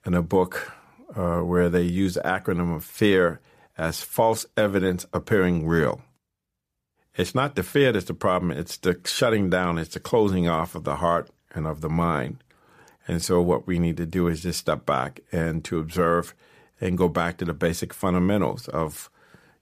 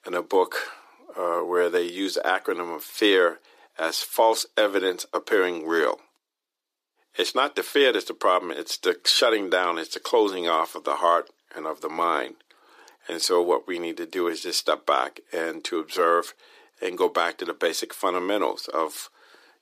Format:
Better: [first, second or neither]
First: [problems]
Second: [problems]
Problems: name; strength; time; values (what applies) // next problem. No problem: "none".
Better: first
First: none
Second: thin; very; fading below 300 Hz